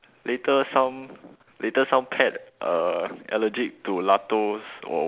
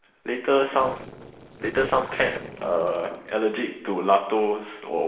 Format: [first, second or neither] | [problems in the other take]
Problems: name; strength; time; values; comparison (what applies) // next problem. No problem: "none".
first | noise reduction (neural separator model SepFormer DNS4)